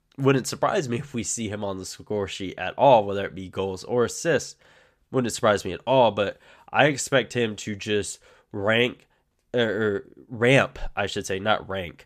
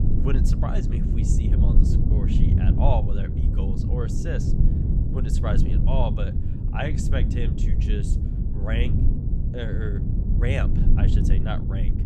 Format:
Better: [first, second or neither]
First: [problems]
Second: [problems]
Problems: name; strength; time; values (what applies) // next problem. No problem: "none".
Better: first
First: none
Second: low rumble; loud; throughout; 2 dB below the speech